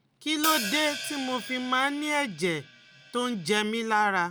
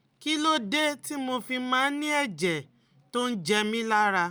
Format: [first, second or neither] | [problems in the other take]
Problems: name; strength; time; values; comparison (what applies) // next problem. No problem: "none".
second | background sound (Hi-hat); 9 dB below the speech